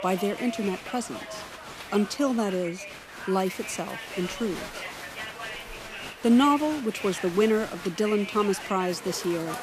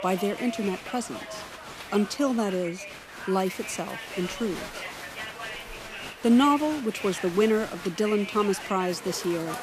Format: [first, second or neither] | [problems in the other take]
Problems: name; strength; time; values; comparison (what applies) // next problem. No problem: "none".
neither | crowd noise; noticeable; throughout; 10 dB below the speech; the same in both